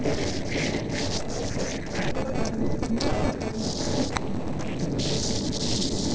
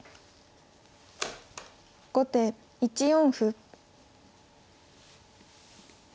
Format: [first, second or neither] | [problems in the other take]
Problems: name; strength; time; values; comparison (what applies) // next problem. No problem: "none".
second | noise reduction (neural separator model SepFormer DNS4)